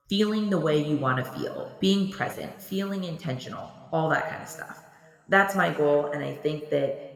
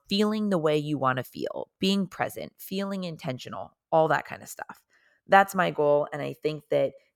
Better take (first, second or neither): second